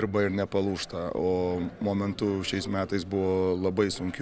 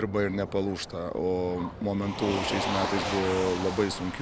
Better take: first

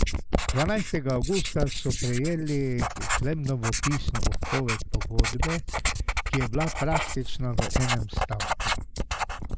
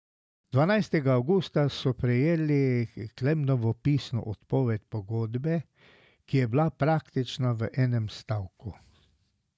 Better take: second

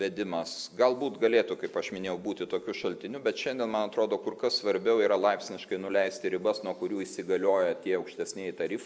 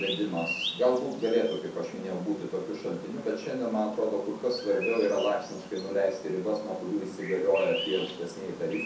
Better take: first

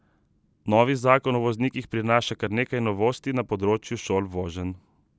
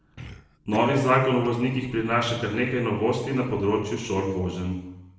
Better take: first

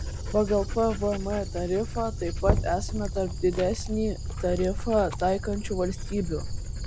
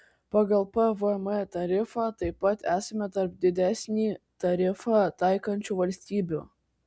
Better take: second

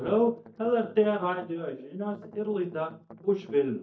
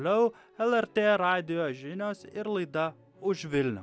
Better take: second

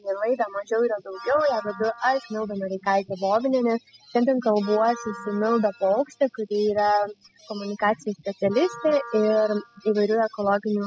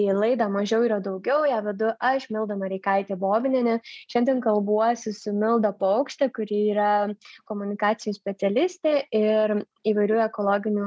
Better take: second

